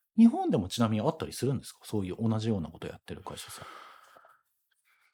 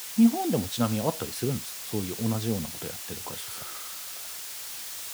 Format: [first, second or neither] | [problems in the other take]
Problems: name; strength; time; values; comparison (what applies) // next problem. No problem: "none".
first | hiss; loud; throughout; 7 dB below the speech